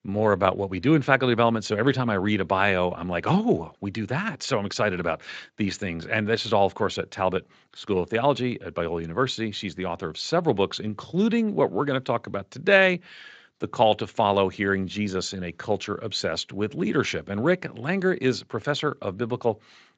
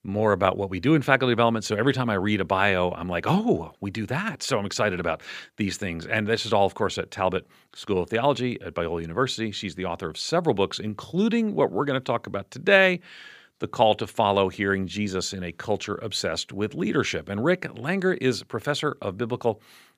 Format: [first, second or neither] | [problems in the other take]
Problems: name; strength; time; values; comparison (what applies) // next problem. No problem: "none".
second | garbled, watery; slightly; nothing above 7.5 kHz